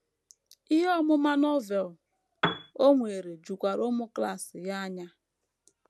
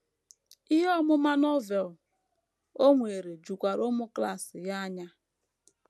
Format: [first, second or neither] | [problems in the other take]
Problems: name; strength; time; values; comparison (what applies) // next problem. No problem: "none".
second | background sound (Piano); 1 dB below the speech